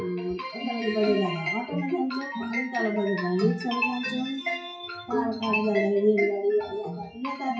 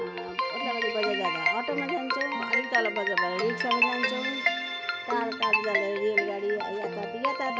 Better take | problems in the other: second | noise reduction (classical method WPE with log-MMSE)

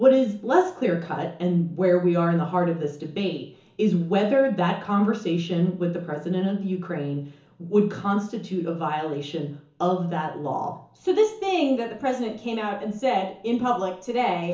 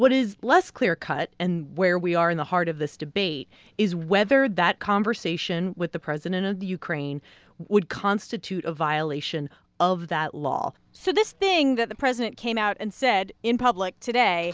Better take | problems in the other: second | room echo; dies away in 0.7 s

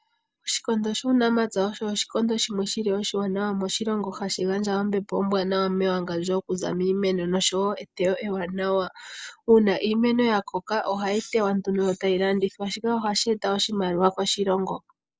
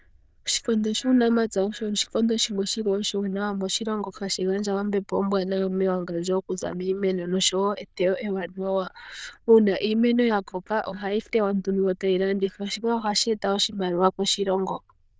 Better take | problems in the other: first | noise reduction (neural diffusion model UNIVERSE++)

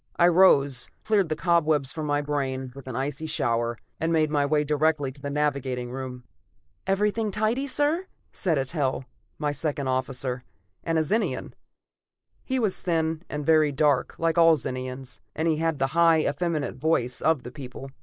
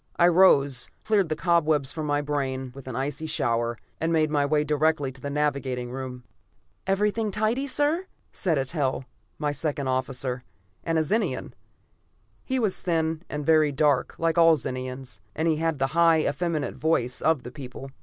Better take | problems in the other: second | noise reduction (neural mask model Resemble Enhance denoiser)

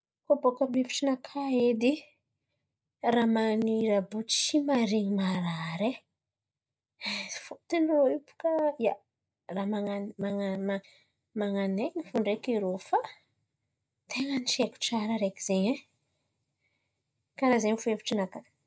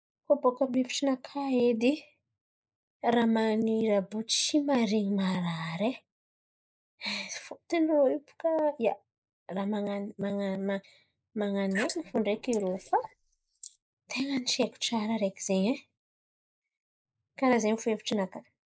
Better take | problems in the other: first | noise reduction (neural mask model Resemble Enhance denoiser)

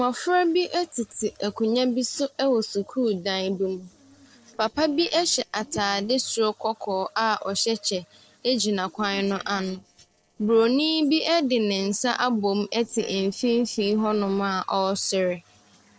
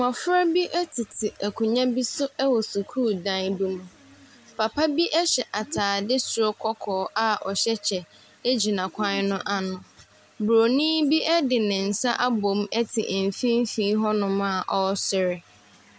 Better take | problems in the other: second | noise reduction (neural separator model SepFormer DNS4)

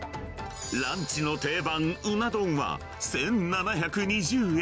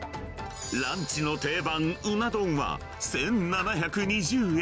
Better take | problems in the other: first | background sound (Sliding door); 19 dB below the speech

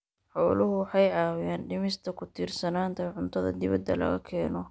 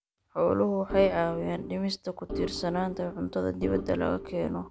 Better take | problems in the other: first | background sound (Organ); 9 dB below the speech

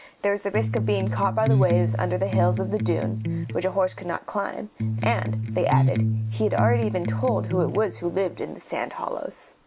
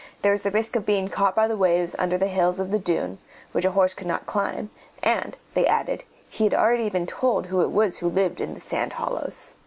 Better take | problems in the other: second | background sound (Electric guitar); 1 dB above the speech

